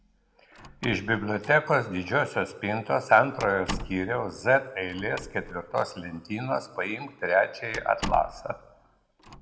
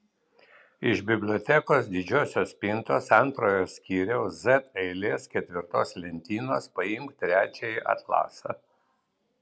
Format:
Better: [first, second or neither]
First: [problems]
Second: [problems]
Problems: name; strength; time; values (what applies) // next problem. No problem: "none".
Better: second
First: background sound (Slam); 15 dB below the speech // room echo; dies away in 0.9 s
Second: none